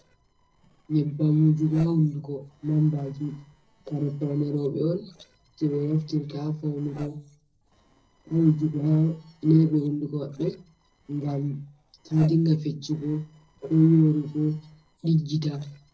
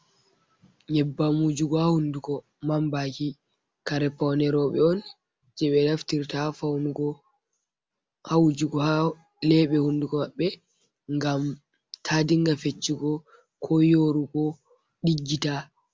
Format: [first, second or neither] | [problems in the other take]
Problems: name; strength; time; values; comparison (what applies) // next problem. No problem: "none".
second | noise reduction (neural separator model SepFormer DNS4)